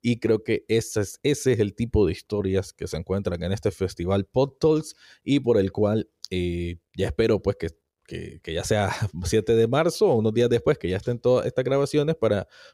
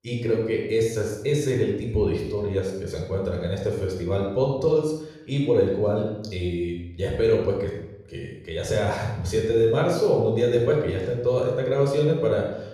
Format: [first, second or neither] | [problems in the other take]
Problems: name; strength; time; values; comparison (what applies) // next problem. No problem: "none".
first | off-mic speech; somewhat distant // room echo; noticeable; dies away in 0.7 s